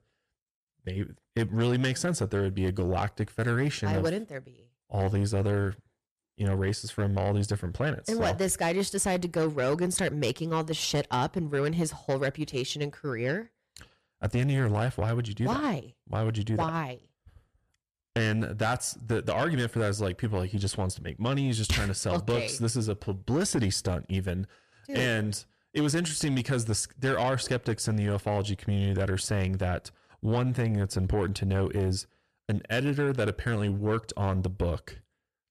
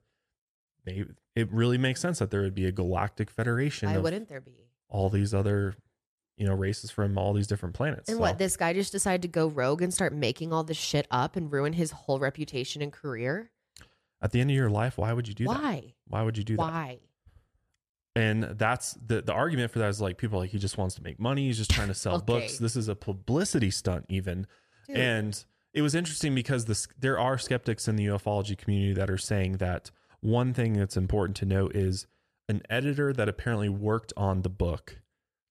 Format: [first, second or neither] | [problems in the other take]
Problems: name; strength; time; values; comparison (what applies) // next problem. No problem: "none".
second | distortion; slight; 10 dB below the speech